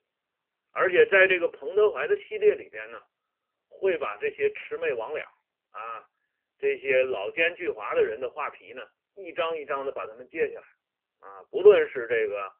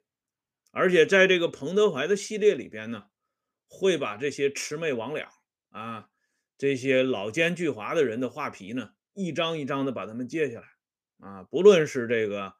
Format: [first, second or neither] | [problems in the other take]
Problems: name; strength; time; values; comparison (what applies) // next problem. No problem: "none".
second | phone-call audio; poor line